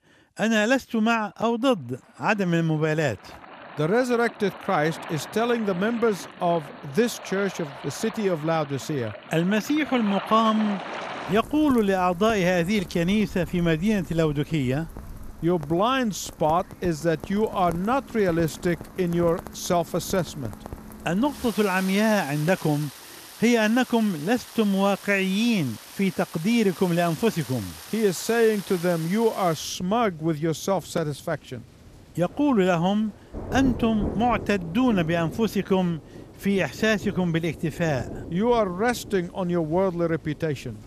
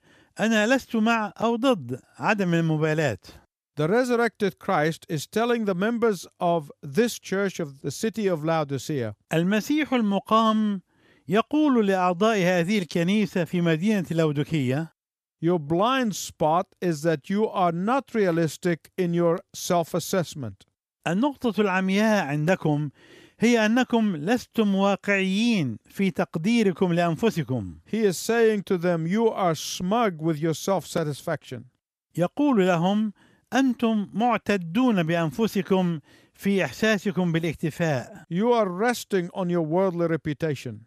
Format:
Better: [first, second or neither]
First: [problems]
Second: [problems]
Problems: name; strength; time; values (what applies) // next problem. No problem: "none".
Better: second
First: rain or running water; noticeable; throughout; 15 dB below the speech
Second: none